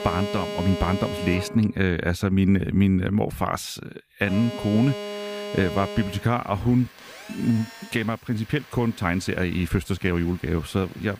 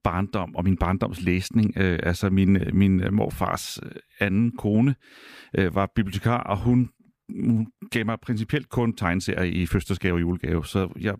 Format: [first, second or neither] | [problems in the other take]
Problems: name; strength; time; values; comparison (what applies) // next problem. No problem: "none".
second | alarms or sirens; noticeable; throughout; 10 dB below the speech